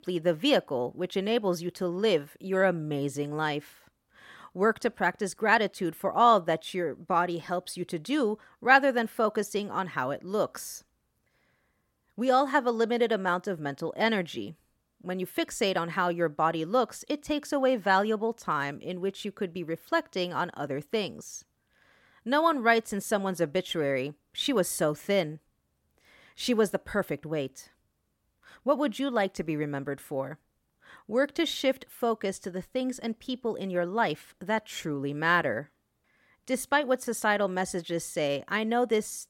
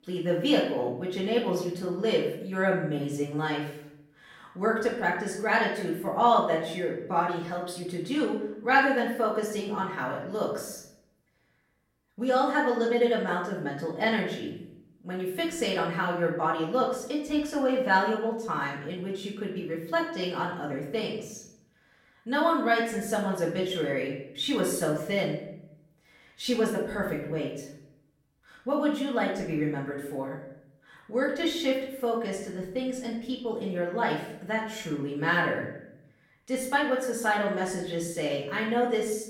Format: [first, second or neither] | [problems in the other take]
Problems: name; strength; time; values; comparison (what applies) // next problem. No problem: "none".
first | off-mic speech; far // room echo; noticeable; dies away in 0.6 s